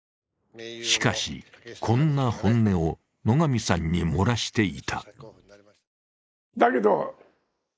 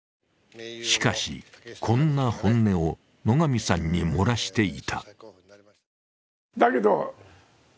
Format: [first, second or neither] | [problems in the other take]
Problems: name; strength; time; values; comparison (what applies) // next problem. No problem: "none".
second | noise reduction (neural mask model Resemble Enhance denoiser)